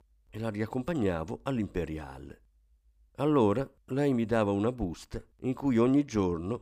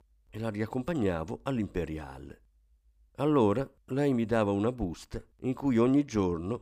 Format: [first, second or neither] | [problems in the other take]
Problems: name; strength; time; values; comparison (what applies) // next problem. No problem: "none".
neither | none